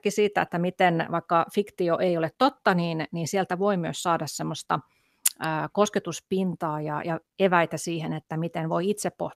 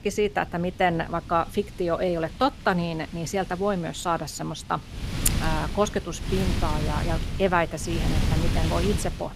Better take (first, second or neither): first